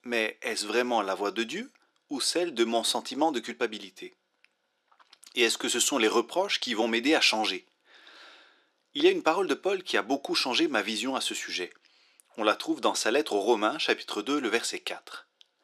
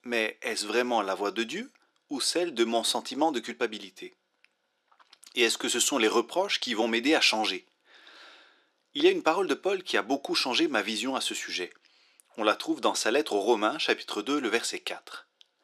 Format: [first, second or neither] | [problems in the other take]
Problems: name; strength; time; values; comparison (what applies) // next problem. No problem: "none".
neither | thin; somewhat; fading below 350 Hz; the same in both